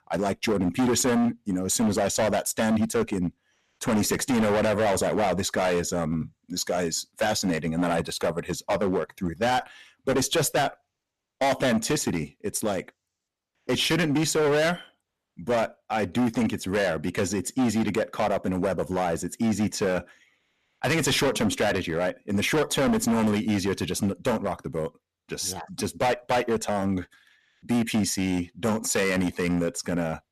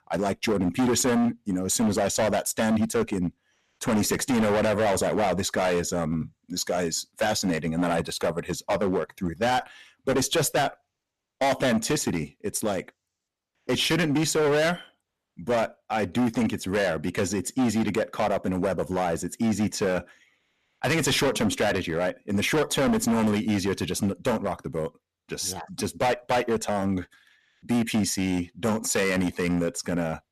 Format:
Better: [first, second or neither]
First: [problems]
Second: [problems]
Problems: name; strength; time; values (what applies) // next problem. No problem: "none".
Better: neither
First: distortion; heavy; 14% of the sound clipped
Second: distortion; heavy; 14% of the sound clipped